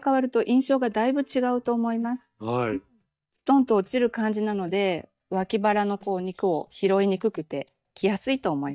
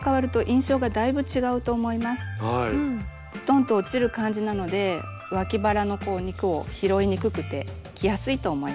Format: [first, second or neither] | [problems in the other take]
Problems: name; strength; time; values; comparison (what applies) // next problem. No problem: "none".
second | noise reduction (neural mask model DeepFilterNet 3)